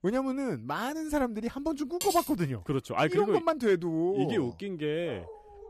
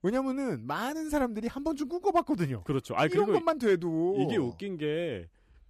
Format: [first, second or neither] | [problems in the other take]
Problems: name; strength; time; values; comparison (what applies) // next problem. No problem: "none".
second | clattering dishes; noticeable; at 2 s; peak 5 dB below the speech // dog barking; faint; at 5 s; peak 15 dB below the speech